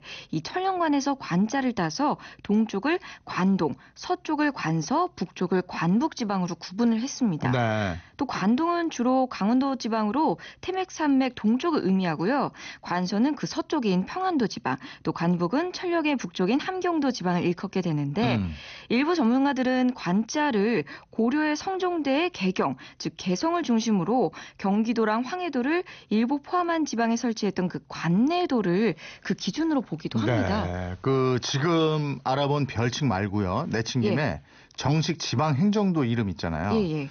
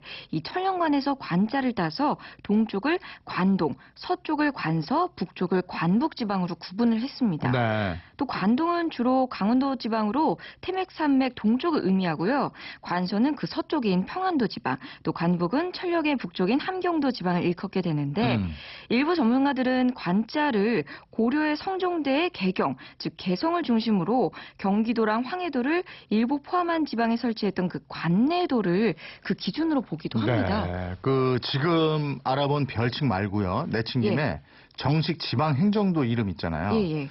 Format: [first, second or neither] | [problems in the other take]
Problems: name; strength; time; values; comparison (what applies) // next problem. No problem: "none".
first | garbled, watery; badly; nothing above 5.5 kHz; slightly in the first